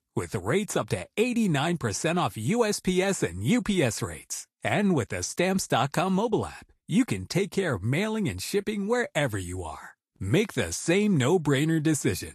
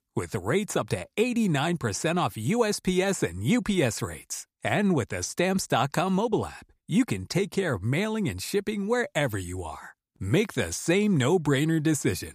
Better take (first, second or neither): second